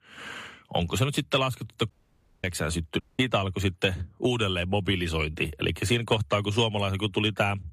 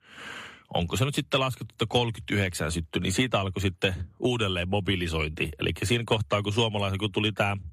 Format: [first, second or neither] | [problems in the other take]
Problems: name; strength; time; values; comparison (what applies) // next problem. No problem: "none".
second | audio cutting out; at 2 s for 0.5 s and at 3 s